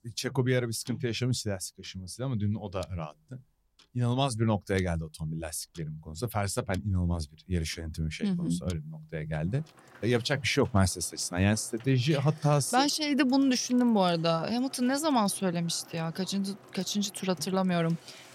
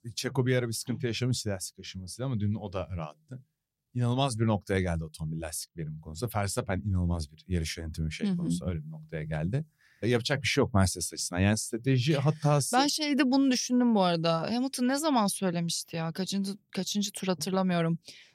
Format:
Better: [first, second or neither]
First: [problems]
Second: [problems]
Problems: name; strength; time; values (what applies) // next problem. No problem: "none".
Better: second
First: household noises; faint; throughout; 25 dB below the speech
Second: none